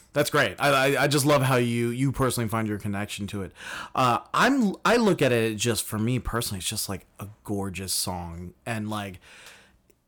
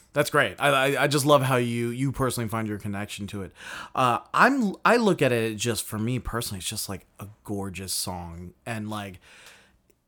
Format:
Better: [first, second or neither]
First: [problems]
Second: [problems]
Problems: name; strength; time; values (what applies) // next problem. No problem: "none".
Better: second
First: distortion; slight; 3% of the sound clipped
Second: none